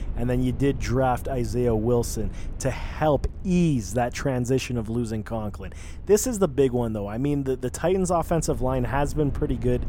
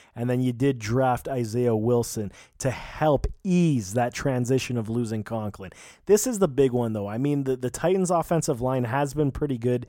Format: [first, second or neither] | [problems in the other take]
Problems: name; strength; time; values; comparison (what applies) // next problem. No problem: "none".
second | low rumble; faint; throughout; 25 dB below the speech